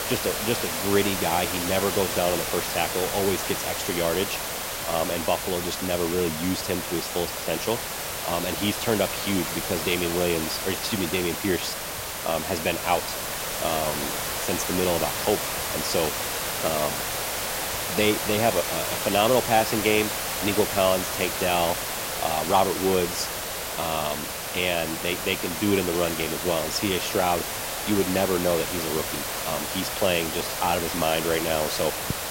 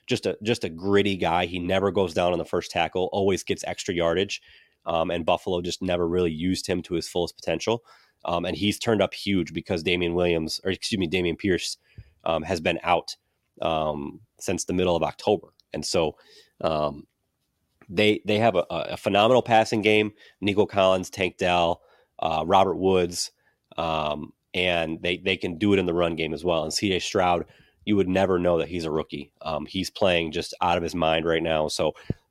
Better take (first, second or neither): second